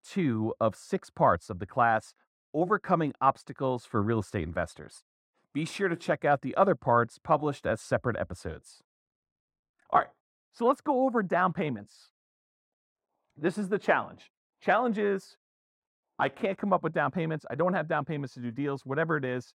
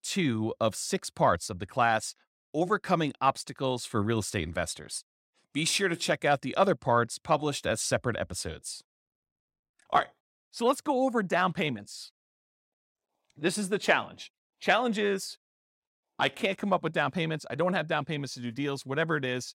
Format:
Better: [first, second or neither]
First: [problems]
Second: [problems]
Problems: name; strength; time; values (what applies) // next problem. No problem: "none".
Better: second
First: muffled; very; fading above 2 kHz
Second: none